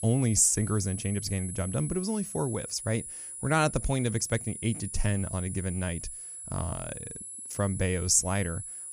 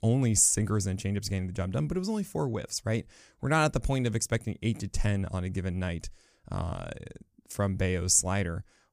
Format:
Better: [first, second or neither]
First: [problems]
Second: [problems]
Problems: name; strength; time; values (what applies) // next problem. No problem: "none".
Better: second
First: high-pitched whine; loud; throughout; 10.5 kHz, 9 dB below the speech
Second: none